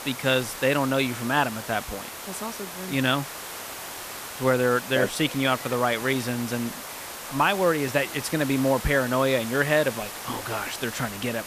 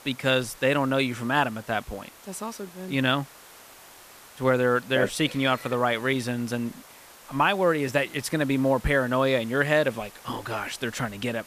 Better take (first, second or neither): second